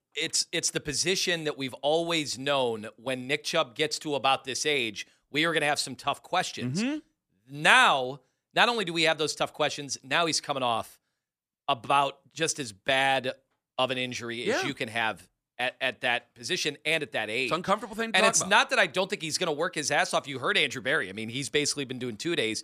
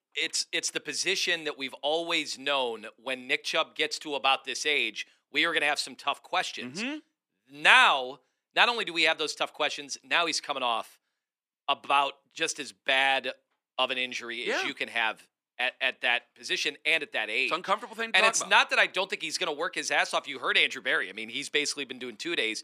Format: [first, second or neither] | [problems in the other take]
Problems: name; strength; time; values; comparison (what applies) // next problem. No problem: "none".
first | thin; very slightly; fading below 300 Hz